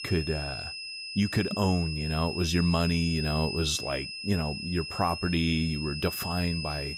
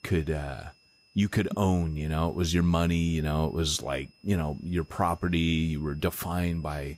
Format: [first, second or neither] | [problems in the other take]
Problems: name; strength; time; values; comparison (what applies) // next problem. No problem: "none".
second | high-pitched whine; loud; throughout; 5 kHz, 6 dB below the speech; faint in the second